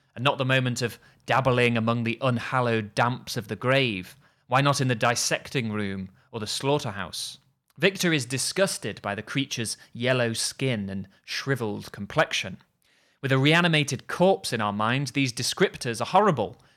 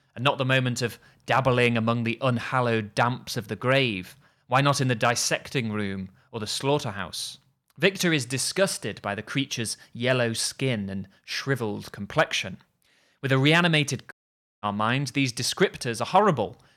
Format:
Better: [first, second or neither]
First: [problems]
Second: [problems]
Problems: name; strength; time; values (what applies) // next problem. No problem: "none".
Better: first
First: none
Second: audio cutting out; at 14 s for 0.5 s